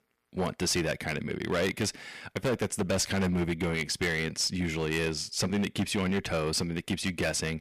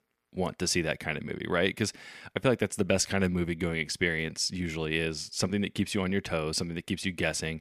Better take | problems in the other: second | distortion; heavy; 11% of the sound clipped

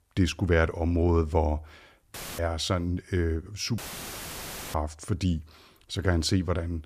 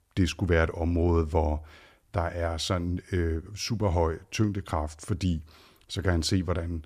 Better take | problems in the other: second | audio cutting out; filled with static; at 2 s and at 4 s for 1 s

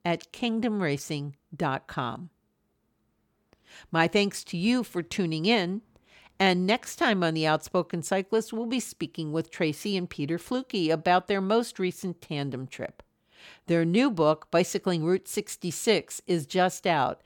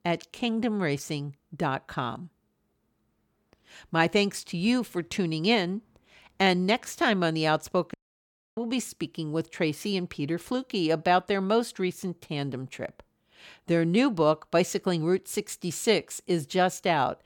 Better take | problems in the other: first | audio cutting out; at 8 s for 0.5 s

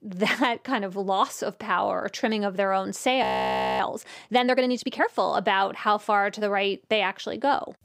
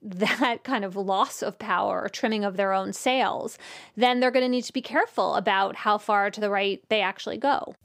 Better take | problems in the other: second | audio freezing; at 3 s for 0.5 s

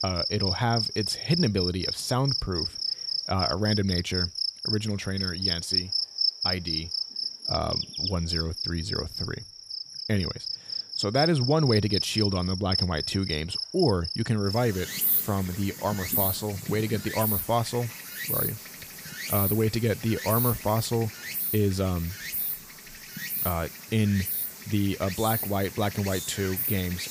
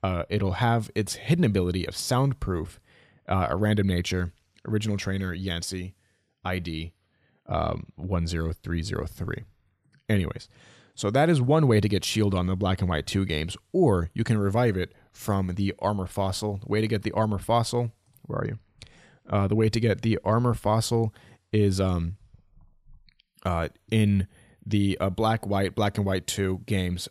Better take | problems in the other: second | animal sounds; loud; throughout; 1 dB below the speech

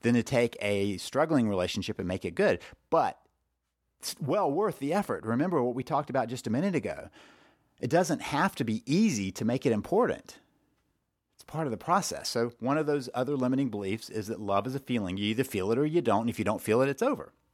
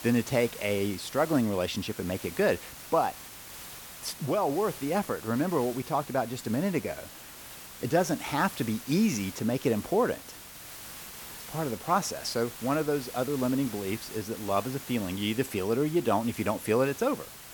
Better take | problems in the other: first | hiss; noticeable; throughout; 15 dB below the speech

